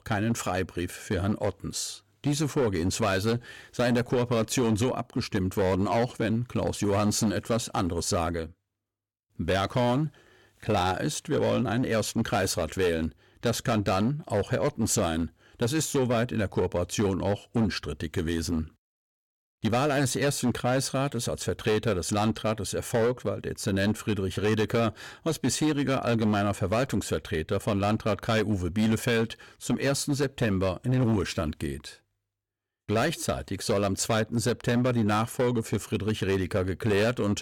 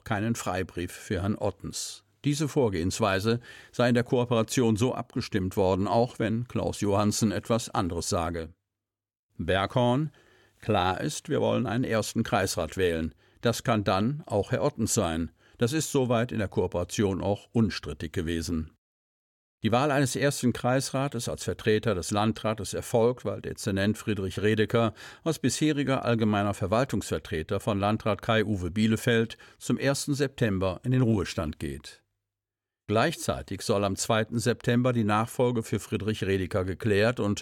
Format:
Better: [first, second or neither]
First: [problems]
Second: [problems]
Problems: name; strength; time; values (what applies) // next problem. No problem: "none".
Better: second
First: distortion; slight; 9% of the sound clipped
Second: none